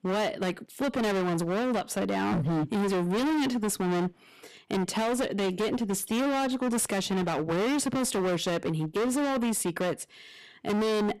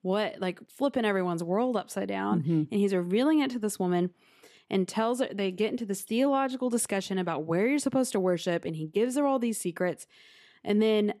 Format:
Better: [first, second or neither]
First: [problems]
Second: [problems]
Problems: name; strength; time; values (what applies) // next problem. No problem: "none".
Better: second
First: distortion; heavy; 34% of the sound clipped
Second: none